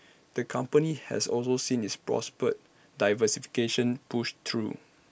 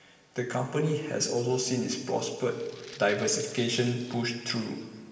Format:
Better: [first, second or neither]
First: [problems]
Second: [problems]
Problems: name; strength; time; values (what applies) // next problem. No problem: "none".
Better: first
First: none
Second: background sound (Rattle (instrument)); 19 dB below the speech // room echo; dies away in 1.4 s